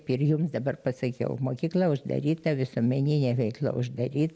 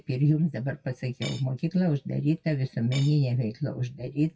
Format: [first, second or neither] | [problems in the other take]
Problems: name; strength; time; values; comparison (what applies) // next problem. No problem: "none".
first | noise reduction (classical method WPE with log-MMSE)